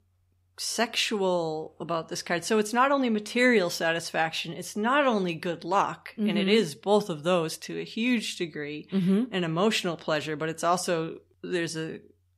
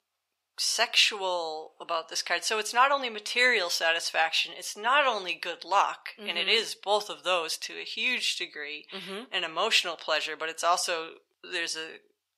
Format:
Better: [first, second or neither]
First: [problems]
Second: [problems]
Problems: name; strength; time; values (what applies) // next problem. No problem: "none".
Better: first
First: none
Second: thin; very; fading below 750 Hz